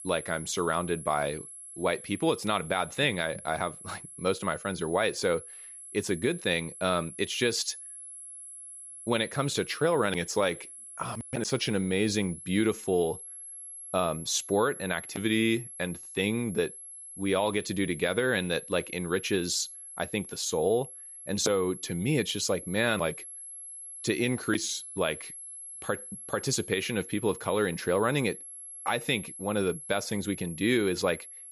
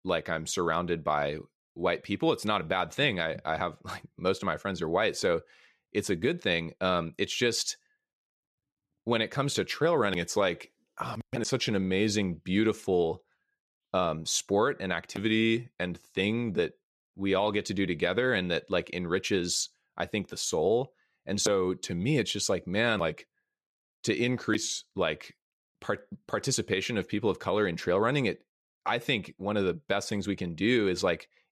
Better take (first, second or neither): second